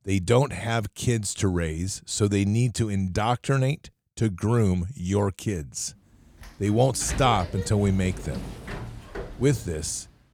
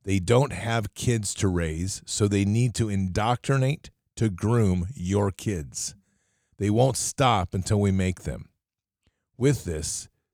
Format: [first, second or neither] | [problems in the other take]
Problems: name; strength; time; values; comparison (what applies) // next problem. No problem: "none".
second | door banging; noticeable; from 6.5 to 10 s; peak 7 dB below the speech